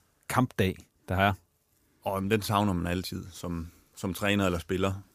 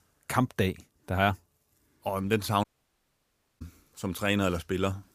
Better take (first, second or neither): first